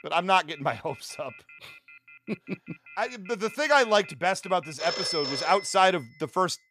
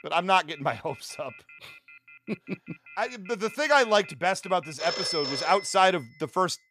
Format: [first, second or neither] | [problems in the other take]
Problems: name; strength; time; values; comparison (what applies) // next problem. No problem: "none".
neither | alarms or sirens; loud; throughout; 10 dB below the speech; the same in both